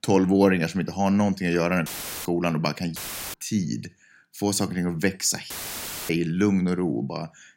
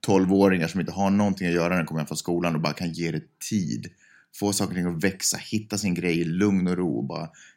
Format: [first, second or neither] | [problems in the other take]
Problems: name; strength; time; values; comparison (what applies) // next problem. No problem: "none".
second | audio cutting out; filled with static; at 2 s, at 3 s and at 5.5 s for 0.5 s